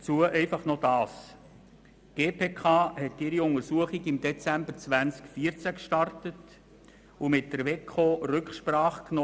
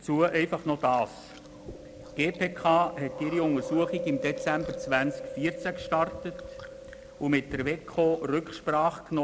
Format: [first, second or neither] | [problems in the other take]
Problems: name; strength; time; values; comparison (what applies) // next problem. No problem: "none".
first | background sound (Chewing, mastication); 11 dB below the speech